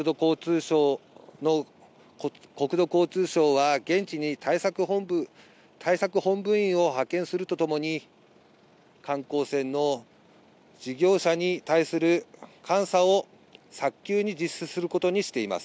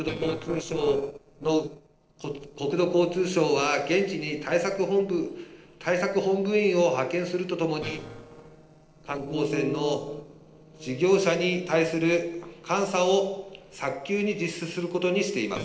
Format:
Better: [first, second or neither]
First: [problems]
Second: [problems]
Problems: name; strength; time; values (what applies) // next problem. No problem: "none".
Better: first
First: none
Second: noise reduction (neural separator model SepFormer DNS4)